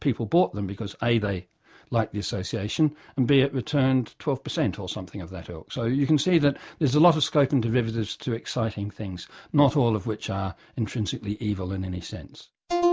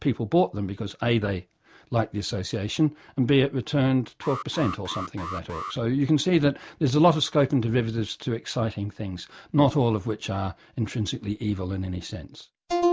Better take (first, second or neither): first